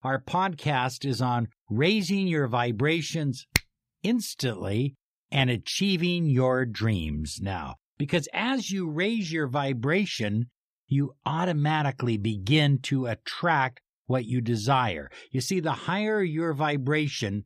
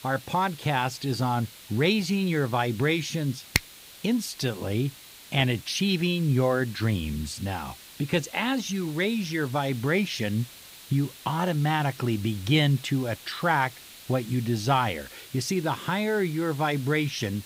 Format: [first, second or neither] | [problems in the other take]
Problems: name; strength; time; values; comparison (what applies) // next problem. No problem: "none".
first | hiss; noticeable; throughout; 15 dB below the speech